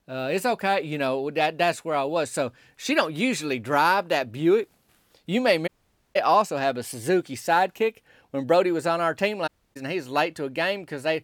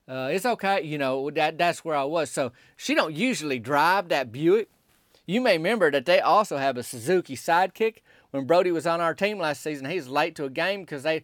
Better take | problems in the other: second | audio cutting out; at 5.5 s and at 9.5 s

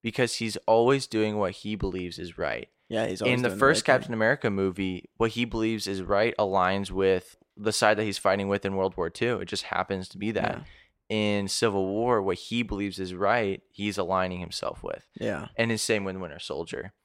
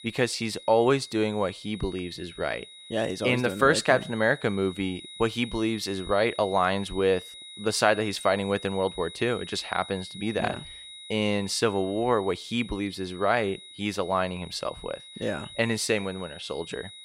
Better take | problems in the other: first | high-pitched whine; noticeable; throughout; 4 kHz, 15 dB below the speech

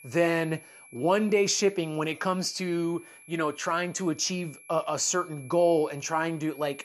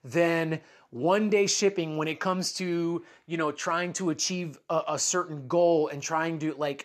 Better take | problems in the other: second | high-pitched whine; faint; throughout; 2.5 kHz, 20 dB below the speech

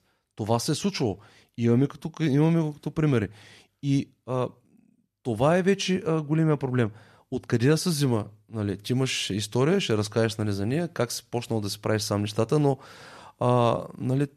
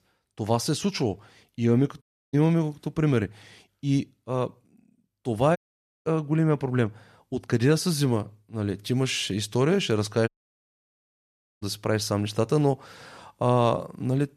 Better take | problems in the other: first | audio cutting out; at 2 s, at 5.5 s and at 10 s for 1.5 s

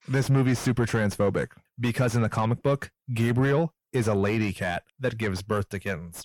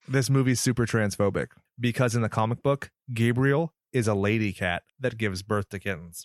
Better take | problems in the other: second | distortion; slight; 9 dB below the speech

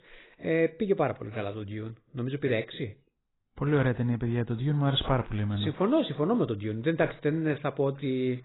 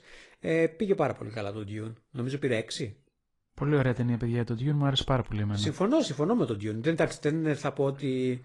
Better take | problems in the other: second | garbled, watery; badly; nothing above 4 kHz; slightly in the second

